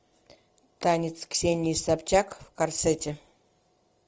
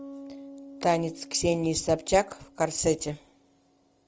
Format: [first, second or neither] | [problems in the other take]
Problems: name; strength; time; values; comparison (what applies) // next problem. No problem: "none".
first | background sound (Bass guitar); 19 dB below the speech